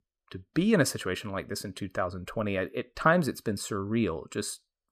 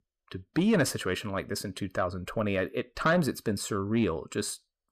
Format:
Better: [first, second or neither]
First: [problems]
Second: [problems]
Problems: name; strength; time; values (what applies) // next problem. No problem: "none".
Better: first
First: none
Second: distortion; slight; 10 dB below the speech